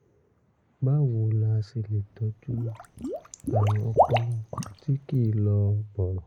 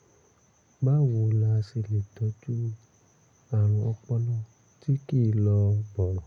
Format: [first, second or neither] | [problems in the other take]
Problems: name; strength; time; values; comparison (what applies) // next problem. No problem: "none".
second | noise reduction (neural mask model Resemble Enhance denoiser)